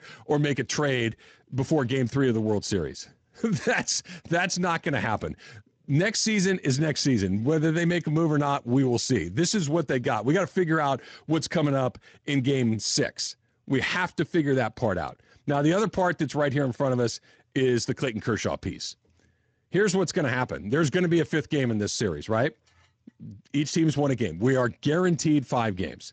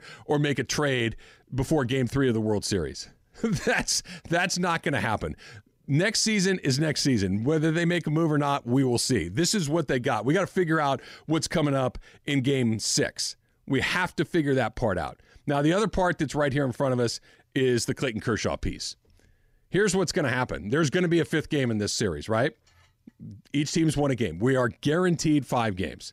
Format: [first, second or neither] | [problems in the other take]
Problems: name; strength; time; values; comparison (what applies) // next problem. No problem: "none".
second | garbled, watery; slightly; nothing above 7.5 kHz